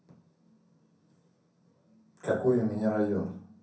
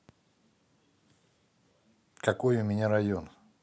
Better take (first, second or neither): second